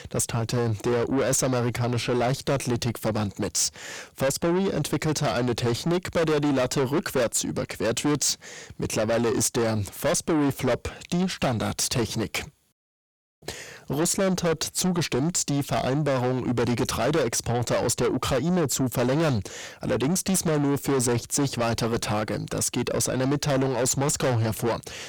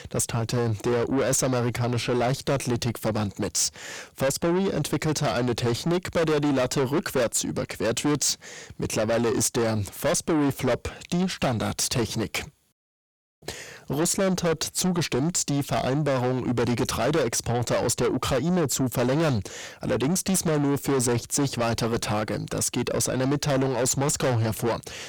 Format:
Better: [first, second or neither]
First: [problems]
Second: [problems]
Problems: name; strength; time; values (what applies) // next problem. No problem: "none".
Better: neither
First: distortion; heavy; 5 dB below the speech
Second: distortion; heavy; 5 dB below the speech